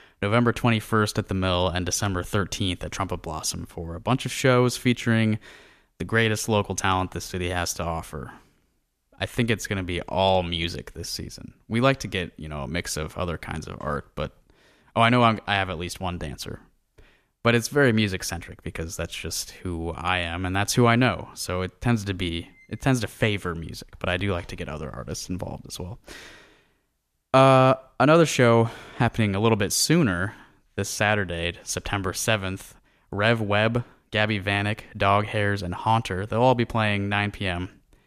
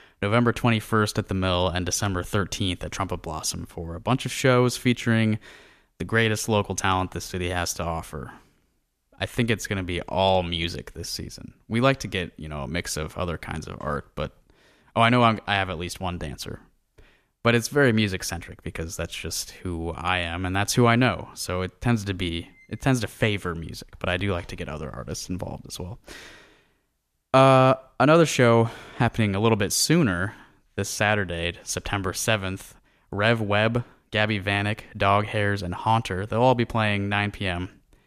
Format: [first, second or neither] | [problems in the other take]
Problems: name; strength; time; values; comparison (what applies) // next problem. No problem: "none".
neither | none